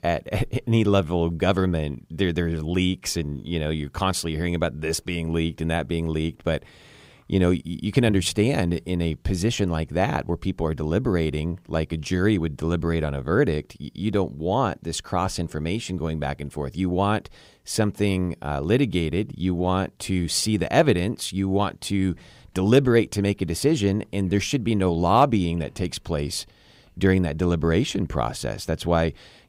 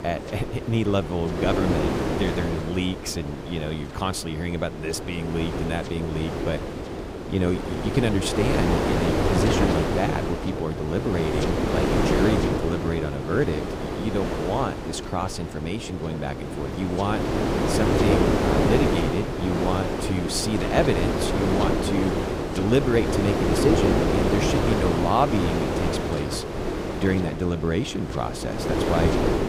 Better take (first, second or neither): first